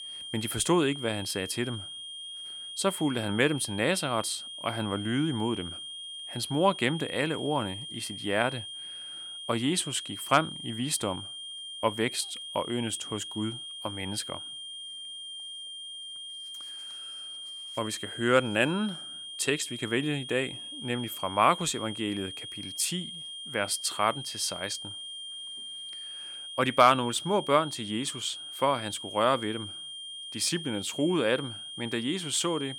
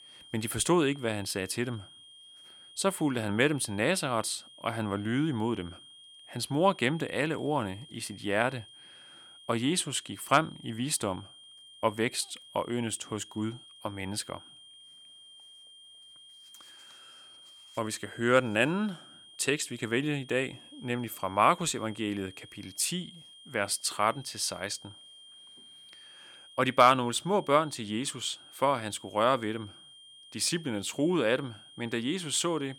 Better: second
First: high-pitched whine; loud; throughout; 3 kHz, 9 dB below the speech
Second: high-pitched whine; faint; throughout; 3 kHz, 20 dB below the speech

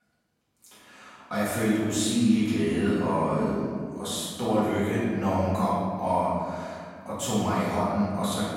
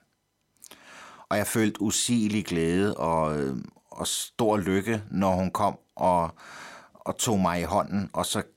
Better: second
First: off-mic speech; far // room echo; strong; dies away in 1.8 s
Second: none

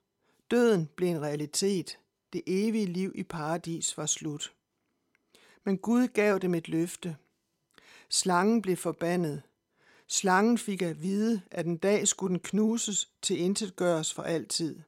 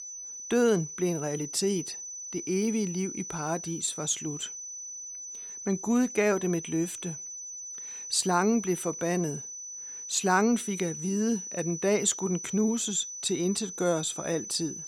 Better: first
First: none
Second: high-pitched whine; loud; throughout; 6 kHz, 8 dB below the speech

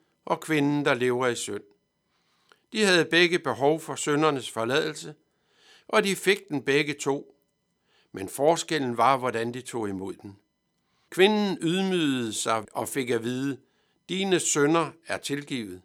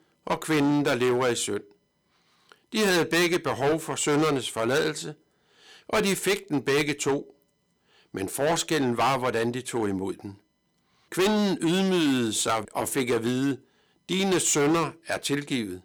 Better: first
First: none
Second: distortion; heavy; 11% of the sound clipped

